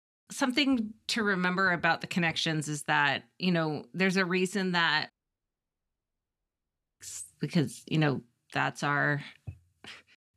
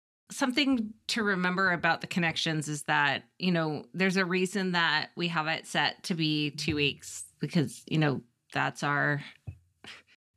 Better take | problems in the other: second | audio cutting out; at 5 s for 2 s

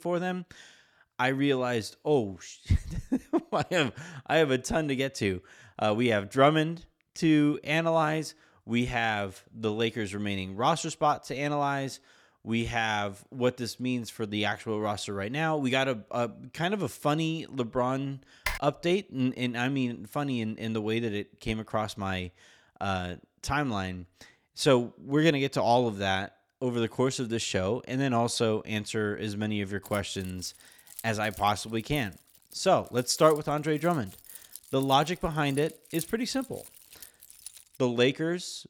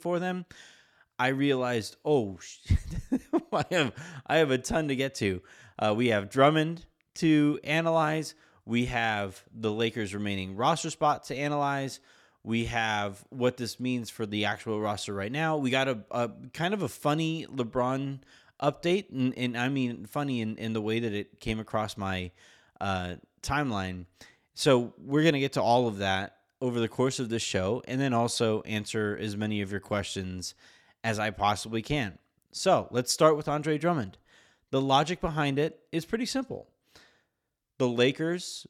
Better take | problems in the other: second | keyboard typing; noticeable; at 18 s; peak 5 dB below the speech // jangling keys; faint; from 30 to 38 s; peak 10 dB below the speech

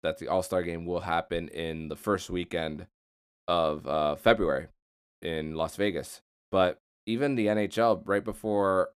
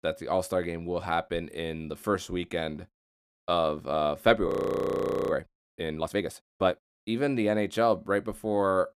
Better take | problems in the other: first | audio freezing; at 4.5 s for 1 s

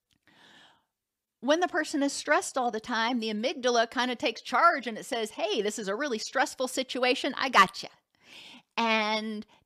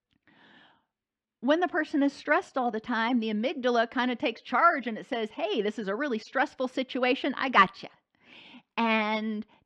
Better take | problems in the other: first | muffled; slightly; fading above 2.5 kHz

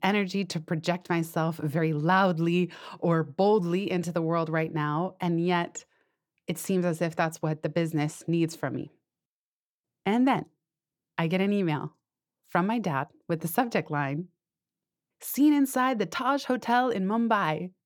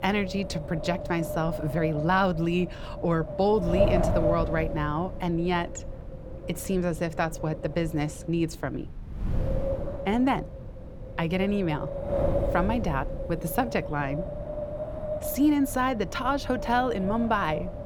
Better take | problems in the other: first | wind noise on the microphone; heavy; 5 dB below the speech

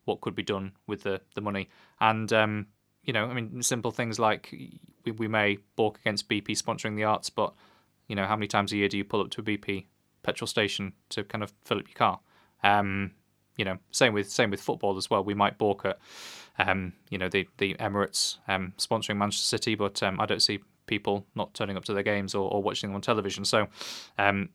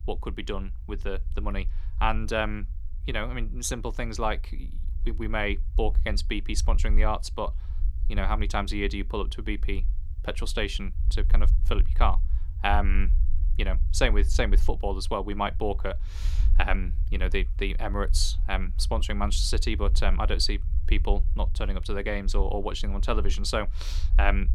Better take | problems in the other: first | low rumble; faint; throughout; 20 dB below the speech

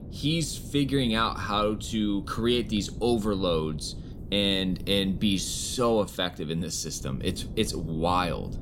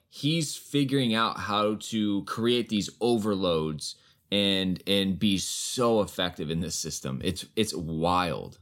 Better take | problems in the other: second | wind noise on the microphone; occasional gusts; 20 dB below the speech

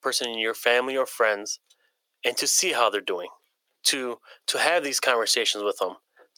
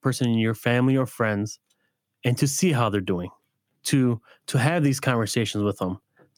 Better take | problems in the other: second | thin; very; fading below 450 Hz

